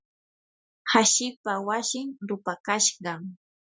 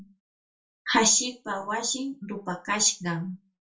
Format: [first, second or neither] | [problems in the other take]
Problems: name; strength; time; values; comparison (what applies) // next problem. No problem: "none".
first | room echo; dies away in 0.2 s